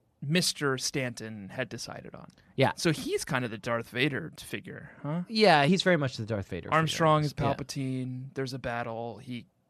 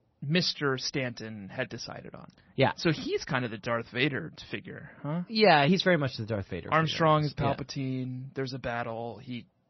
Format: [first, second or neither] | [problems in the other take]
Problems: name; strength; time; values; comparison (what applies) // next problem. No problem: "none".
first | garbled, watery; slightly; nothing above 6 kHz